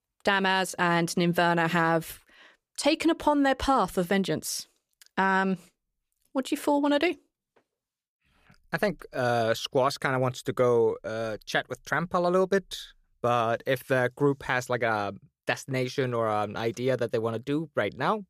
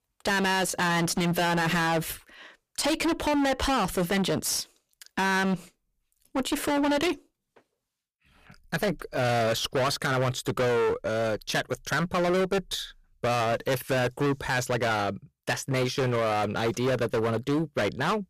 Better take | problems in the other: first | distortion; heavy; 25% of the sound clipped

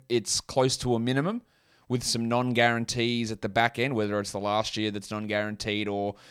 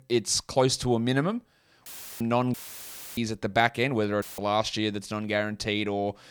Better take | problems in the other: first | audio cutting out; filled with static; at 2 s, at 2.5 s for 0.5 s and at 4 s

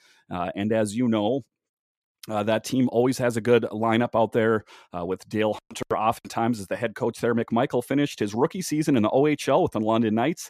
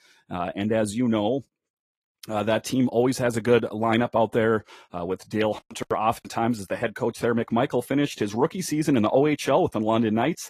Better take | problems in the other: first | garbled, watery; slightly; nothing above 14.5 kHz

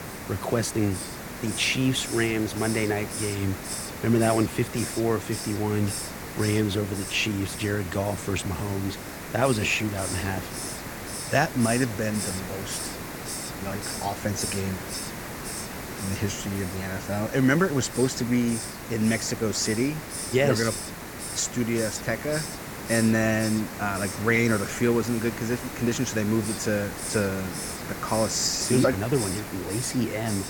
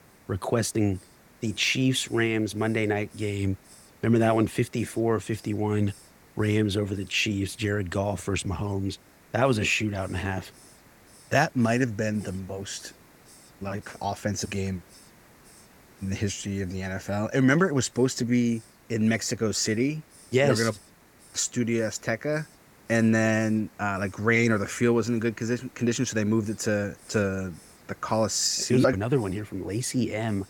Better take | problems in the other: second | hiss; loud; throughout; 7 dB below the speech; faint in the second

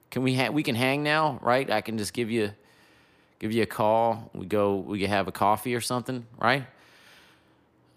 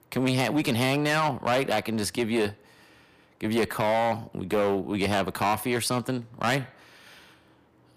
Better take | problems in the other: first | distortion; heavy; 8% of the sound clipped

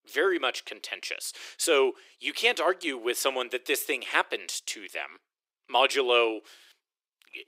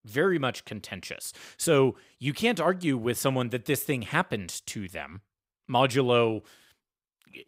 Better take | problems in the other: second | thin; very; fading below 350 Hz

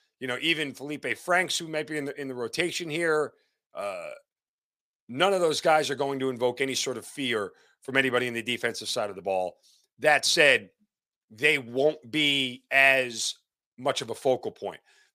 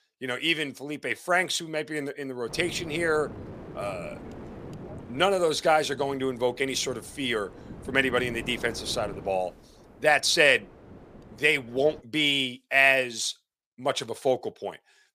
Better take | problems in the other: first | wind noise on the microphone; occasional gusts; from 2.5 to 12 s; 20 dB below the speech

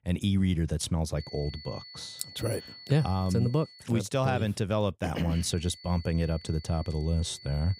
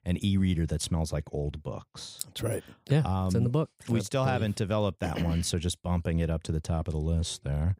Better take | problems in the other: second | high-pitched whine; noticeable; from 1 to 4 s and from 5.5 s on; 4.5 kHz, 15 dB below the speech

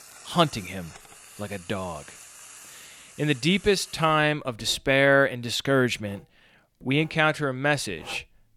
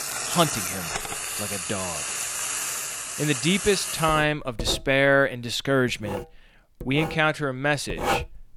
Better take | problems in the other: first | household noises; loud; throughout; 5 dB below the speech; faint in the first

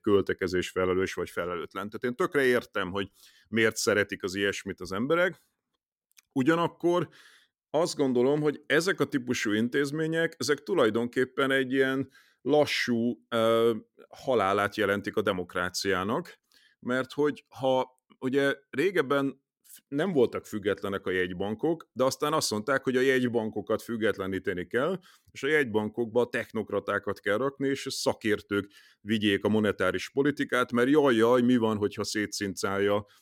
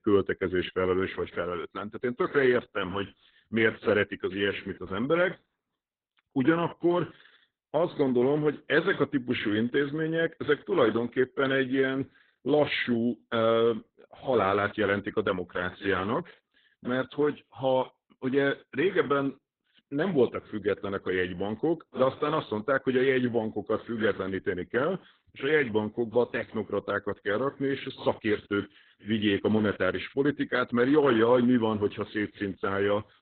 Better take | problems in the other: first | garbled, watery; badly; nothing above 3.5 kHz

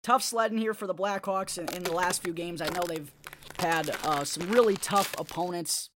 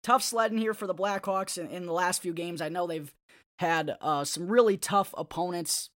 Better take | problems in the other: second | footsteps; noticeable; from 1.5 to 5.5 s; peak 5 dB below the speech

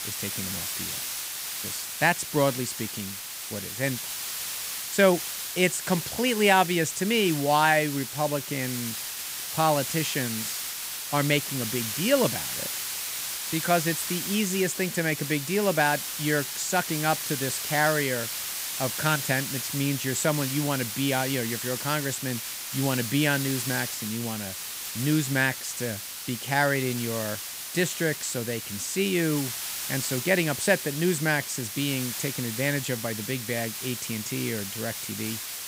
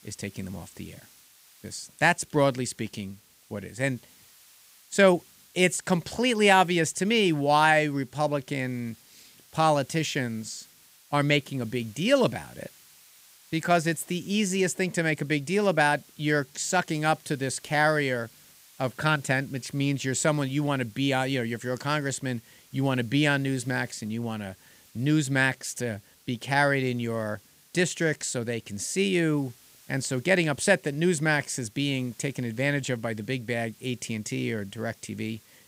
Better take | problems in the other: second | hiss; loud; throughout; 4 dB below the speech; faint in the second

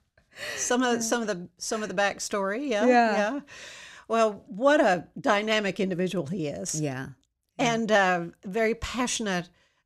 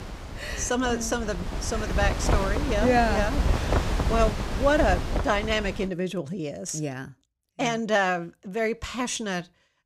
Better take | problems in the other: first | wind noise on the microphone; heavy; until 6 s; 7 dB below the speech

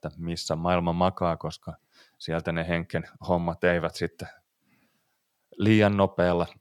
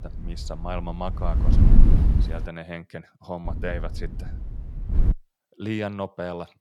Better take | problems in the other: first | wind noise on the microphone; heavy; until 2.5 s and from 3.5 to 5 s; 4 dB below the speech

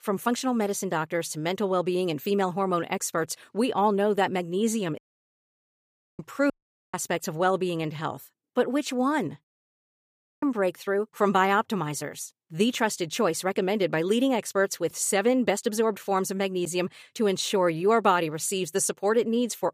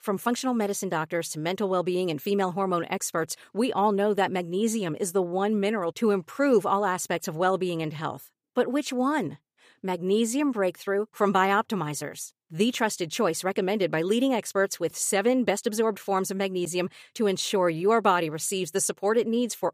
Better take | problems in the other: second | audio cutting out; at 5 s for 1 s, at 6.5 s and at 9.5 s for 1 s

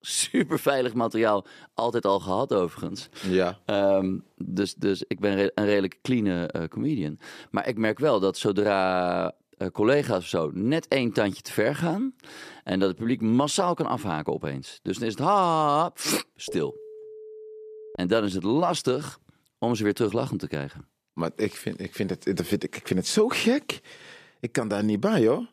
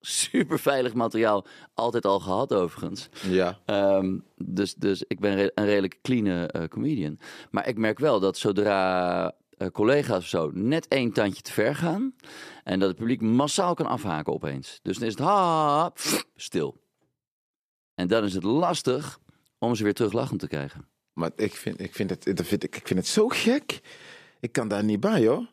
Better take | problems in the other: second | phone ringing; faint; from 16 to 18 s; peak 15 dB below the speech

